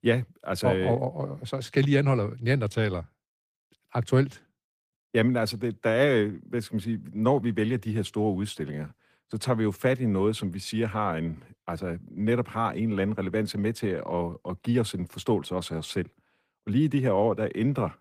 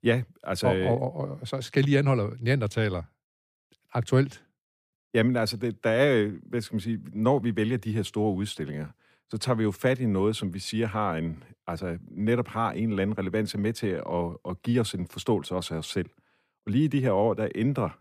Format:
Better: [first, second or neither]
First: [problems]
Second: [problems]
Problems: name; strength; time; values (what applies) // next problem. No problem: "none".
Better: second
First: garbled, watery; slightly; nothing above 15 kHz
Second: none